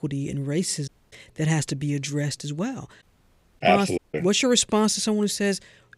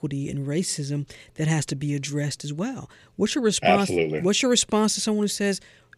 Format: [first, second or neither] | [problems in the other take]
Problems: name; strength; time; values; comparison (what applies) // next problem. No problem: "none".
second | audio cutting out; at 1 s, at 3 s for 0.5 s and at 4 s